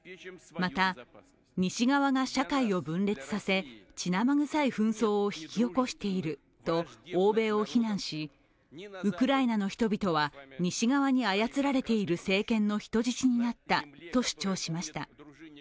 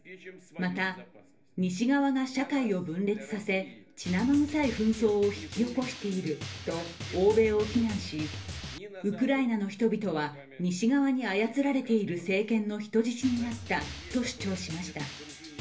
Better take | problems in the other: first | background sound (Drum); 15 dB below the speech // room echo; dies away in 0.3 s

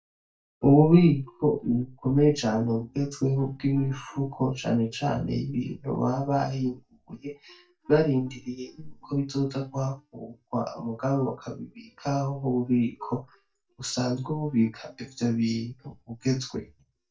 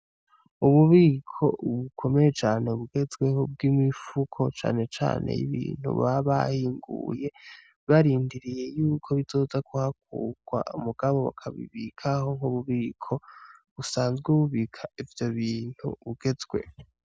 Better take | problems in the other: second | noise reduction (neural mask model DeepFilterNet 3)

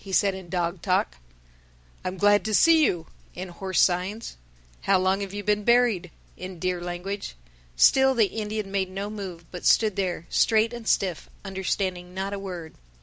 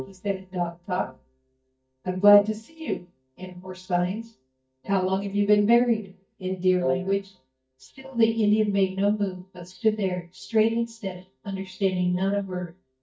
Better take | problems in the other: first | noise reduction (neural mask model DeepFilterNet 3)

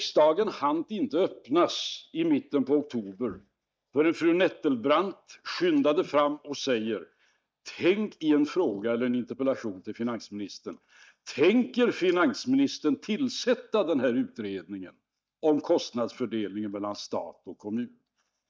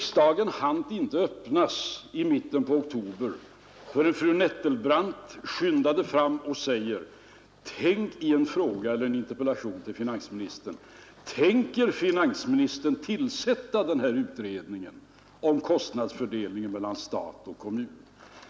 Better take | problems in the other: second | noise reduction (neural mask model DeepFilterNet 3)

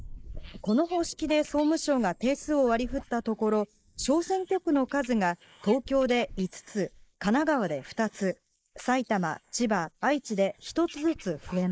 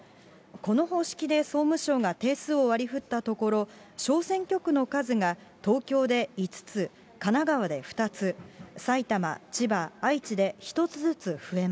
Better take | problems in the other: second | noise reduction (neural mask model Resemble Enhance denoiser)

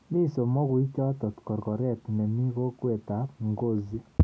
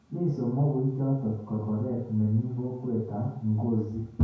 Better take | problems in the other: first | room echo; dies away in 0.5 s

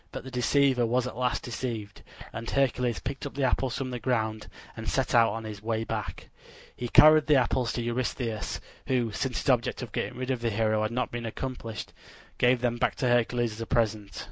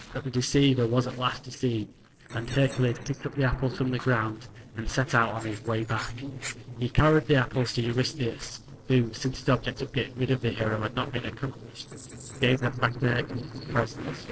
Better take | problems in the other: first | noise reduction (neural separator model SepFormer DNS4)

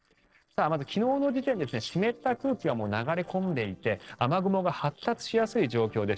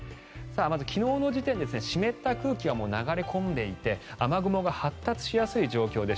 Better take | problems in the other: second | noise reduction (neural separator model SepFormer DNS4)

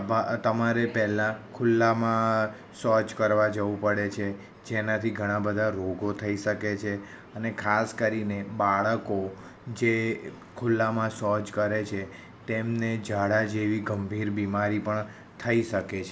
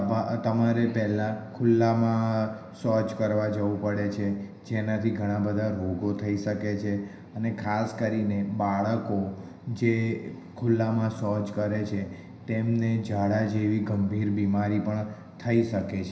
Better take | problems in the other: first | room echo; dies away in 0.9 s

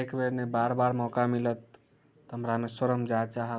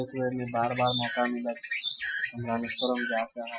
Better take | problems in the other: first | noise reduction (classical method Wiener filter)

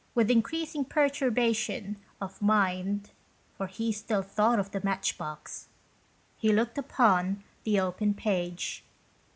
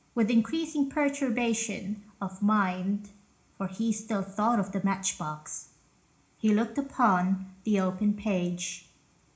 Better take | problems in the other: first | room echo; dies away in 0.4 s

